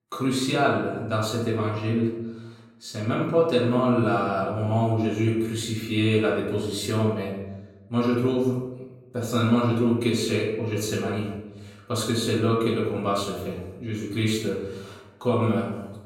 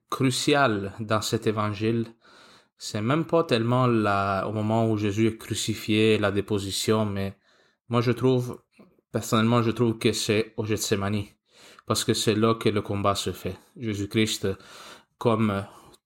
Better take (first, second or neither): second